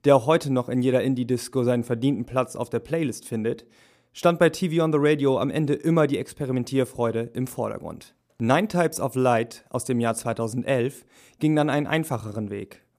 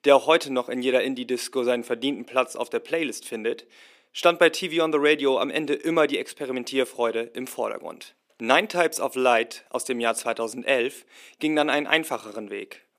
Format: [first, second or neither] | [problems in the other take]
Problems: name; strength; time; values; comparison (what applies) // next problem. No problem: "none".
first | thin; somewhat; fading below 300 Hz